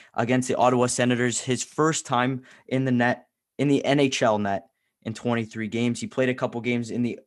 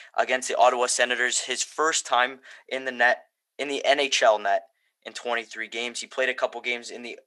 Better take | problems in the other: first | thin; very; fading below 500 Hz

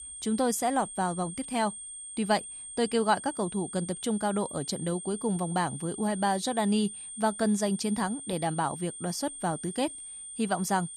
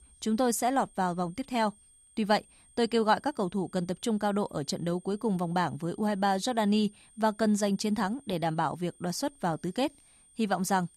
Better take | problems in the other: second | high-pitched whine; loud; throughout; 8.5 kHz, 9 dB below the speech; faint in the second

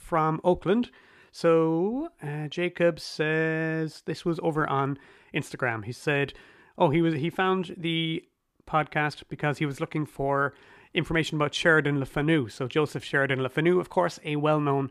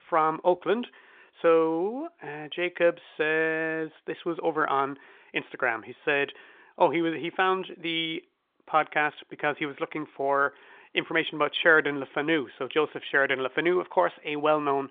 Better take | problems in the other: first | phone-call audio; nothing above 3.5 kHz

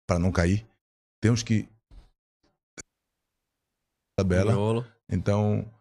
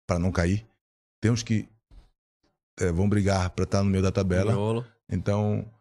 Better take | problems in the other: second | audio cutting out; at 3 s for 1.5 s

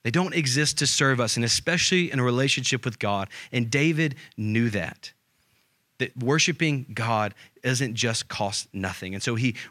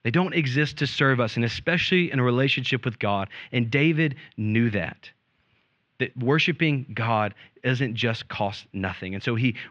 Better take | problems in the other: first | muffled; slightly; fading above 3 kHz

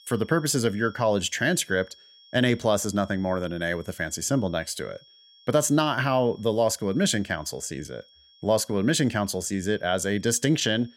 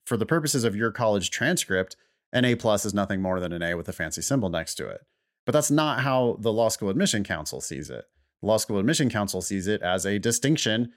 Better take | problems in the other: second | high-pitched whine; faint; throughout; 3.5 kHz, 25 dB below the speech

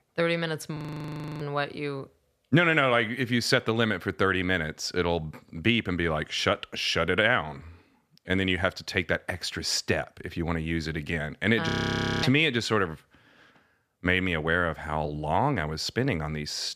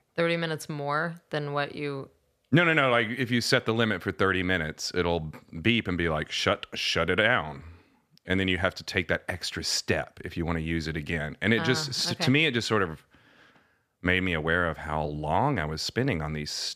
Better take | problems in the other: second | audio freezing; at 1 s for 0.5 s and at 12 s for 0.5 s

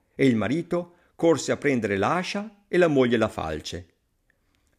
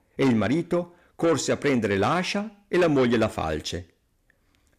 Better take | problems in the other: first | distortion; slight; 10 dB below the speech

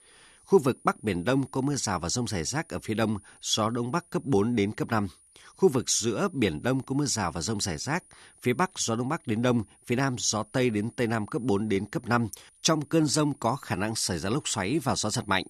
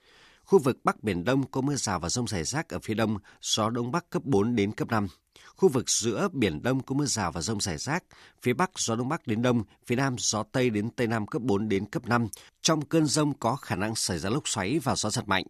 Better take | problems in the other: second | high-pitched whine; faint; throughout; 9.5 kHz, 30 dB below the speech

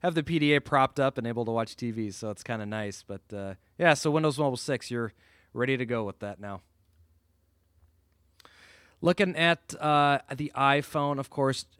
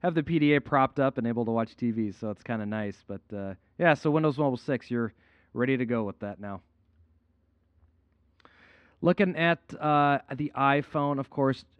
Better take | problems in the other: first | muffled; slightly; fading above 2.5 kHz

